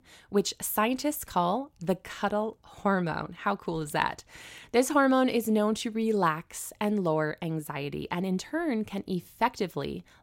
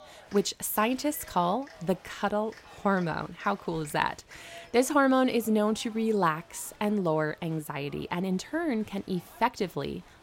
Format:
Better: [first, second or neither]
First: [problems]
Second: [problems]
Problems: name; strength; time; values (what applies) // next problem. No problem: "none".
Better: first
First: none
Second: crowd noise; faint; throughout; 25 dB below the speech